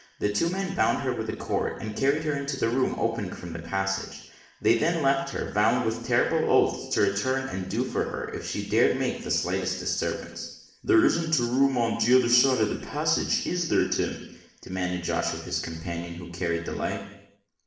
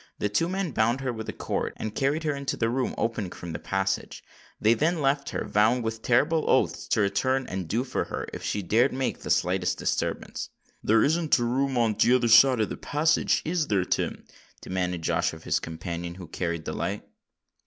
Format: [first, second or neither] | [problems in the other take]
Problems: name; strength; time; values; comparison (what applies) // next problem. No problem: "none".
second | room echo; dies away in 0.9 s